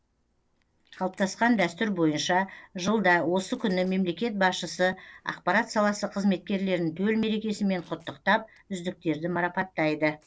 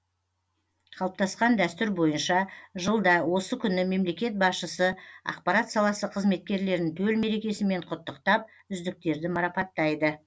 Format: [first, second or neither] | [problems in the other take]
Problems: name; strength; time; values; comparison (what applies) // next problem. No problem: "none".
second | noise reduction (neural separator model SepFormer DNS4)